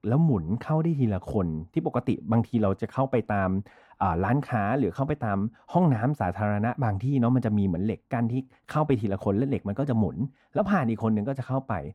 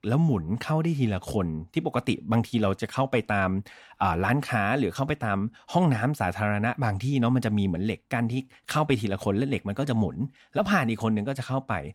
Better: second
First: muffled; slightly; fading above 2 kHz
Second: none

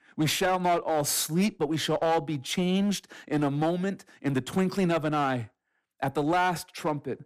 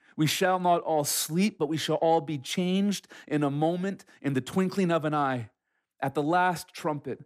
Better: second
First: distortion; slight; 8% of the sound clipped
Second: none

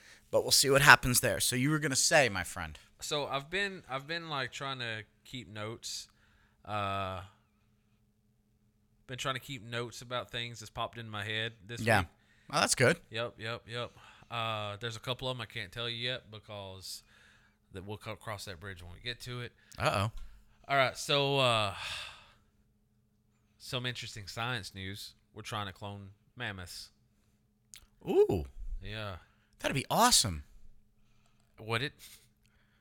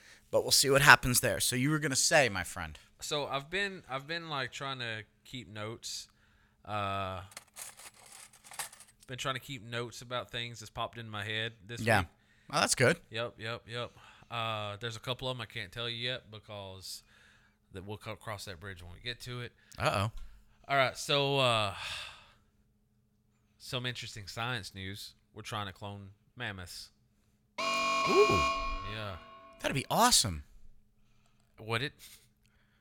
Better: first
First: none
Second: clattering dishes; faint; from 7.5 to 9 s; peak 10 dB below the speech // alarm; loud; from 28 to 29 s; peak 4 dB above the speech

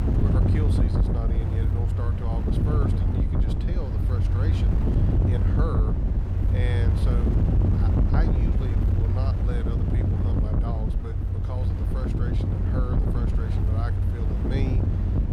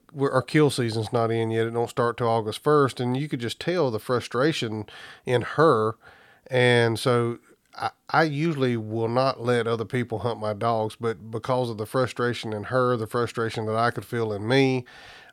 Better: second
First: wind noise on the microphone; heavy; 3 dB above the speech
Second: none

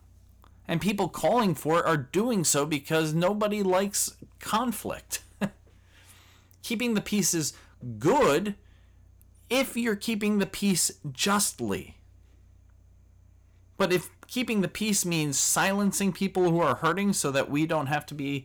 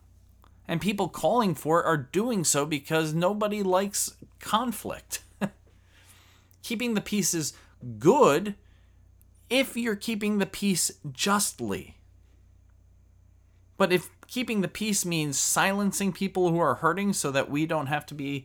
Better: second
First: distortion; slight; 3% of the sound clipped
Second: none

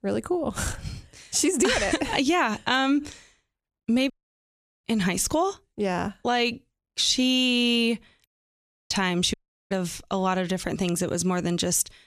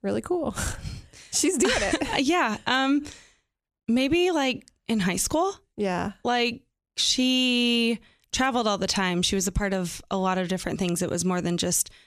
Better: second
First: audio cutting out; at 4 s for 0.5 s, at 8.5 s for 0.5 s and at 9.5 s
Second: none

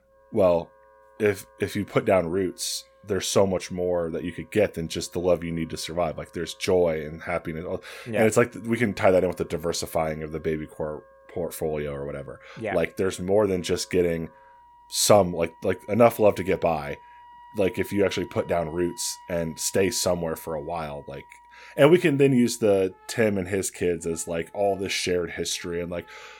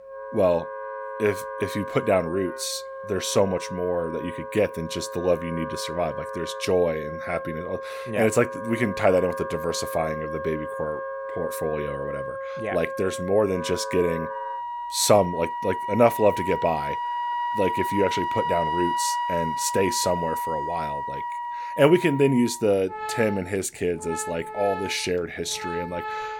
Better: first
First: background music; faint; throughout; 25 dB below the speech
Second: background music; loud; throughout; 6 dB below the speech

